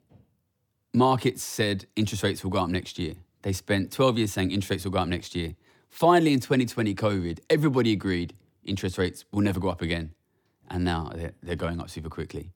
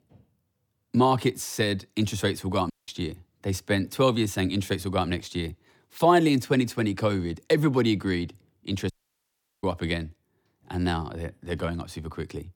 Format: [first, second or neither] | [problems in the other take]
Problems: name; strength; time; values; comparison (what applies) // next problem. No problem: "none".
first | audio cutting out; at 2.5 s and at 9 s for 0.5 s